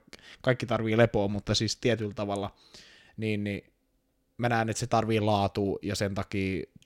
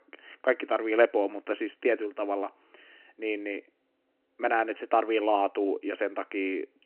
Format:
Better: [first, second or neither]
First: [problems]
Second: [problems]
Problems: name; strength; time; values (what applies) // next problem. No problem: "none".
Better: first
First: none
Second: phone-call audio